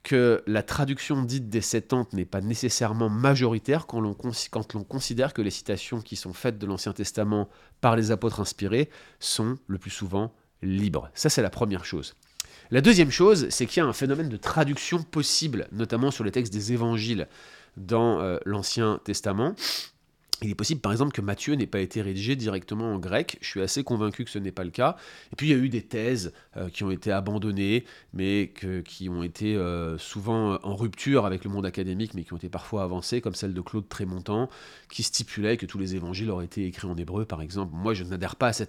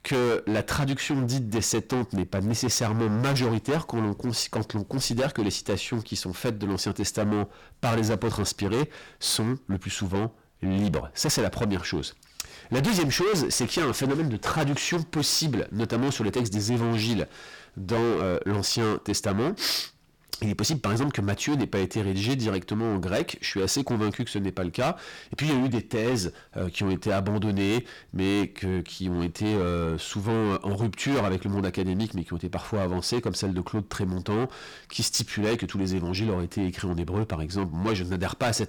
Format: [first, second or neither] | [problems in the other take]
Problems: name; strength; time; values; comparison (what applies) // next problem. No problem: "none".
first | distortion; heavy; 18% of the sound clipped